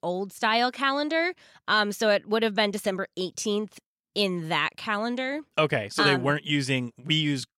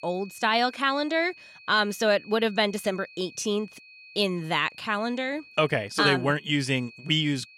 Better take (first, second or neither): first